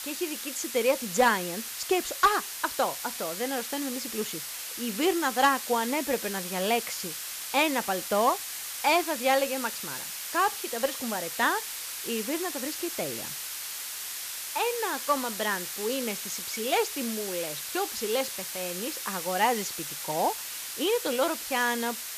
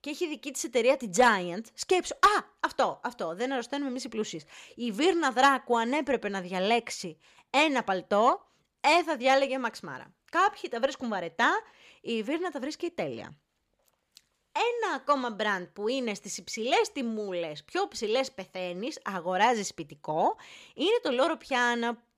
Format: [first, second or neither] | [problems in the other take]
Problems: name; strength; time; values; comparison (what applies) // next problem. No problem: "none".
second | hiss; loud; throughout; 5 dB below the speech